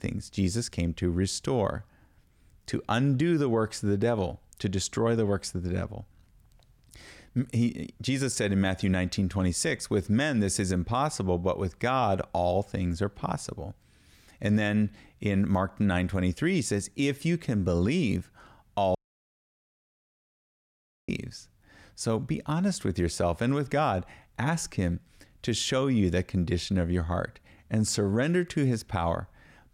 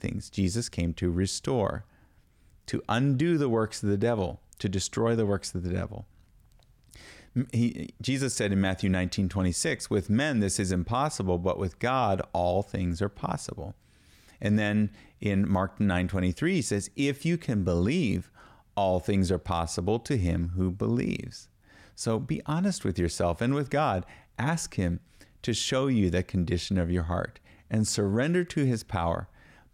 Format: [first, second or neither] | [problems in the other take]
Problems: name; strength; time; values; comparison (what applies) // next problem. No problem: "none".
second | audio cutting out; at 19 s for 2 s